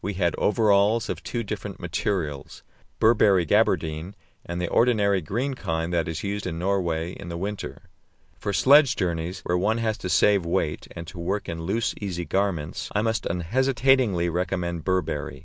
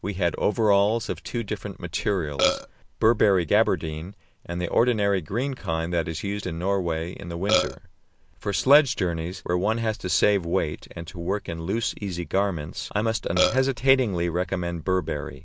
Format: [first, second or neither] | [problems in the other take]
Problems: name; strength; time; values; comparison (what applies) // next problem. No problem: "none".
first | background sound (Burping, eructation); 1 dB above the speech